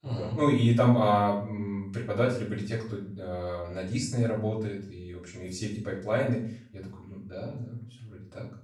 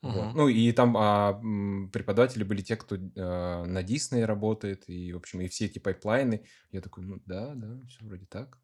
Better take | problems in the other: second | off-mic speech; far // room echo; noticeable; dies away in 0.5 s

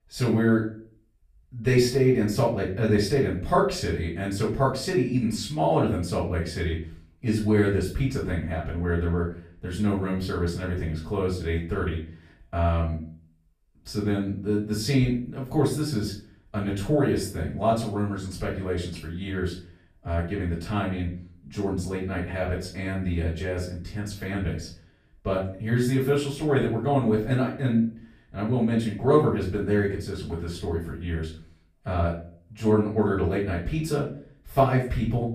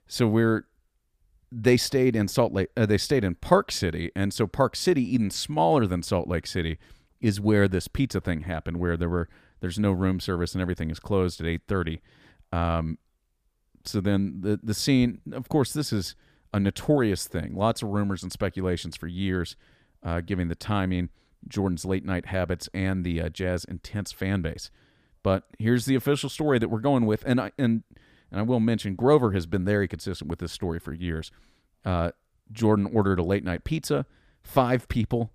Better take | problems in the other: second | room echo; slight; dies away in 0.4 s // off-mic speech; far

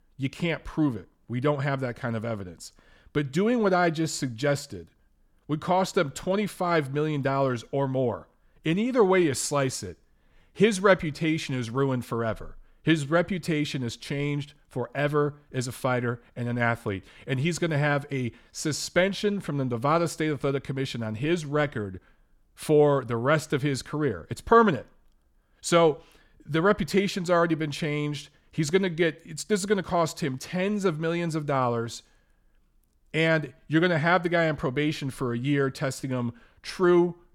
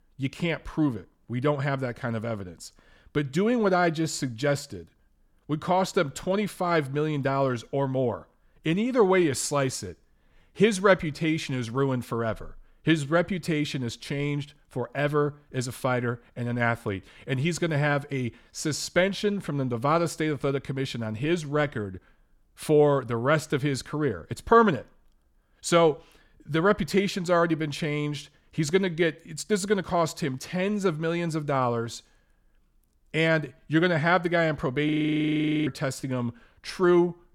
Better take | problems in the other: first | audio freezing; at 35 s for 1 s

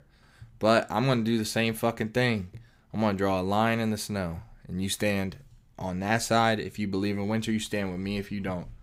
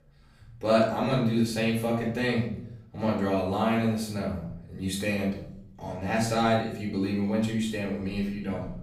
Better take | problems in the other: first | off-mic speech; far // room echo; noticeable; dies away in 0.6 s

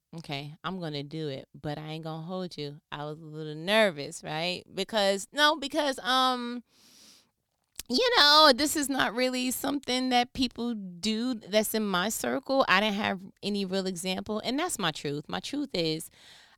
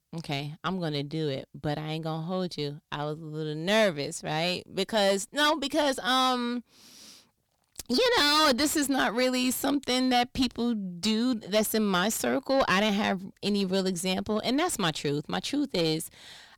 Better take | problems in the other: first | distortion; heavy; 7 dB below the speech

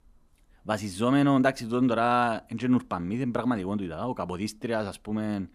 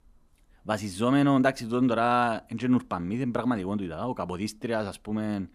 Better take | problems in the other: neither | none

